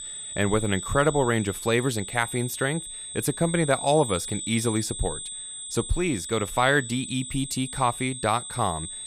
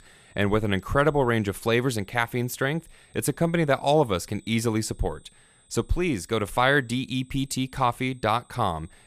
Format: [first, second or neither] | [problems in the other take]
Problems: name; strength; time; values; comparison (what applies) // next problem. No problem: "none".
second | high-pitched whine; loud; throughout; 8 kHz, 8 dB below the speech; faint in the second